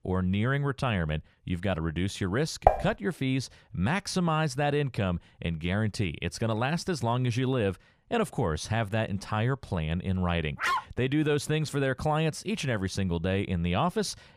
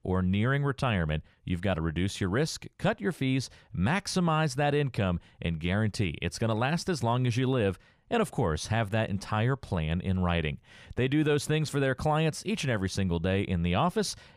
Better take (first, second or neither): second